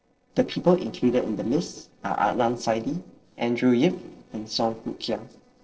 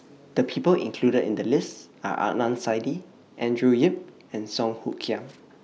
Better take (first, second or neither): second